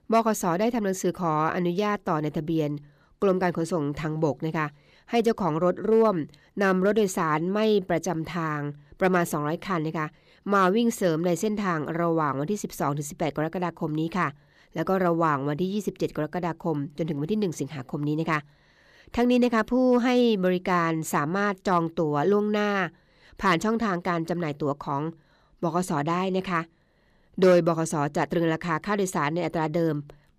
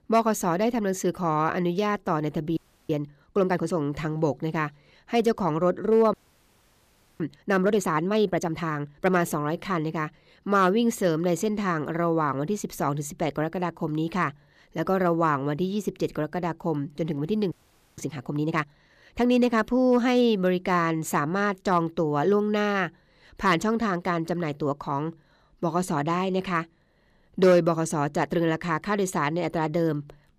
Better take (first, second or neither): first